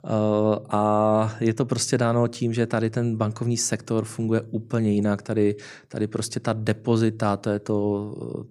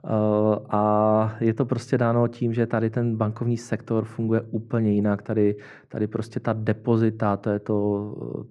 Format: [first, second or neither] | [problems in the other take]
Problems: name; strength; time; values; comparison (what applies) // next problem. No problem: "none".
first | muffled; very; fading above 3.5 kHz